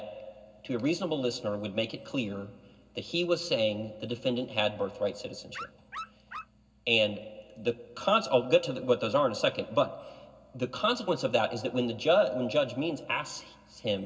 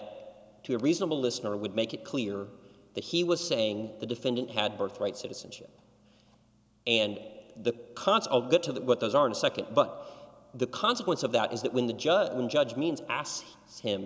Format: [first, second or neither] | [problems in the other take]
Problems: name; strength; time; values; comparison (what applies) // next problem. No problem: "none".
second | background sound (Dog); 14 dB below the speech // room echo; dies away in 0.4 s